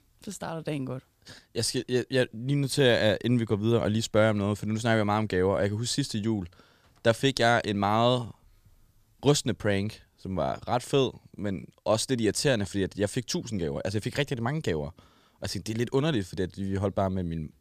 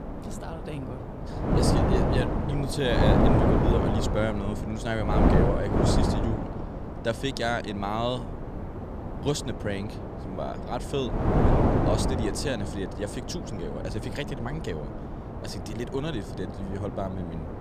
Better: first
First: none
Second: wind noise on the microphone; heavy; 1 dB above the speech

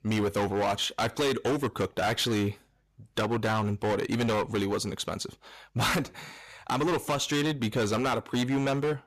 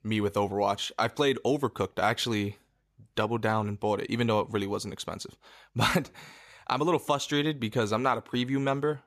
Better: second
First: distortion; heavy; 18% of the sound clipped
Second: none

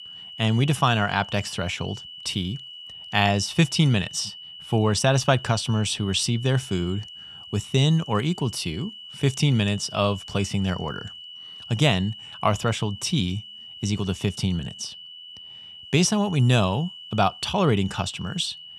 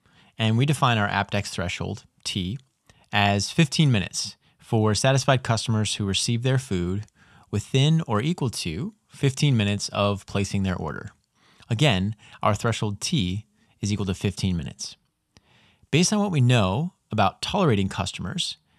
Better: second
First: high-pitched whine; noticeable; throughout; 3 kHz, 15 dB below the speech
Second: none

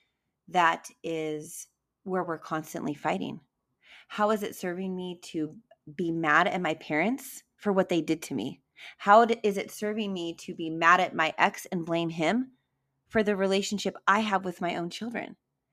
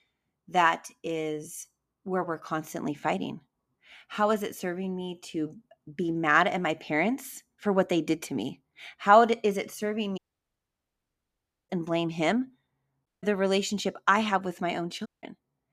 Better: first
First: none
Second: audio cutting out; at 10 s for 1.5 s, at 13 s and at 15 s

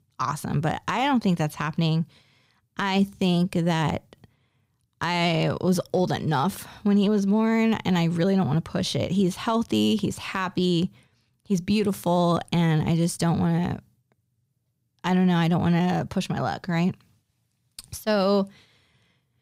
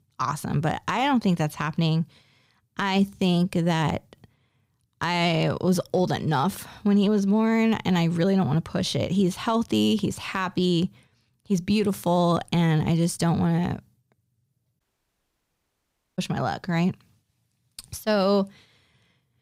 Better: first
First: none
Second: audio cutting out; at 15 s for 1.5 s

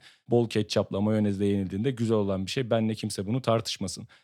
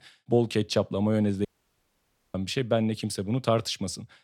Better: first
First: none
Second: audio cutting out; at 1.5 s for 1 s

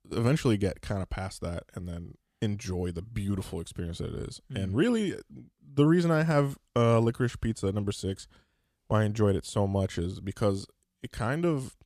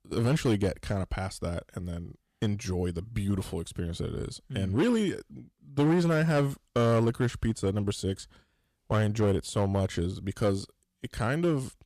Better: first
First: none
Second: distortion; slight; 5% of the sound clipped

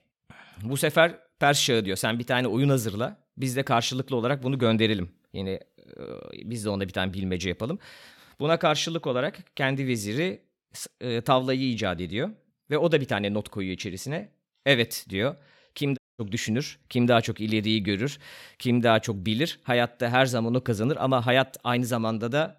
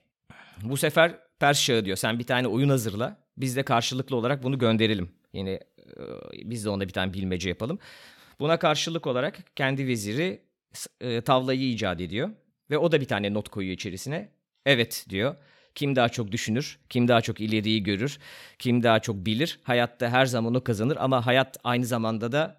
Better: second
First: audio cutting out; at 16 s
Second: none

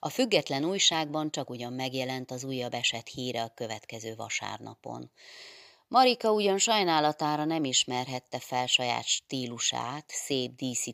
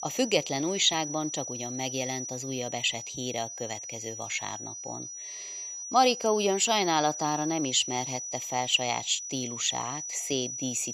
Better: first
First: none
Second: high-pitched whine; loud; throughout; 6 kHz, 7 dB below the speech

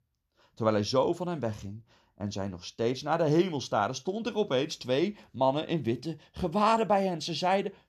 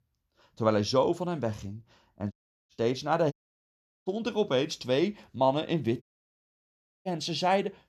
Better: first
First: none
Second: audio cutting out; at 2.5 s, at 3.5 s for 0.5 s and at 6 s for 1 s

